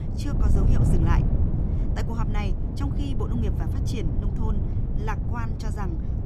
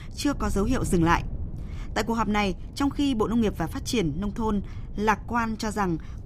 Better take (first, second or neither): second